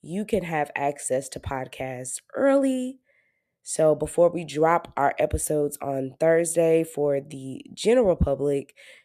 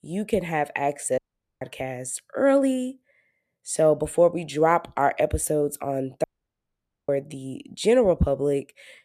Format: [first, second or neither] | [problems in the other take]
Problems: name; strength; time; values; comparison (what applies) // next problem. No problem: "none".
first | audio cutting out; at 1 s and at 6 s for 1 s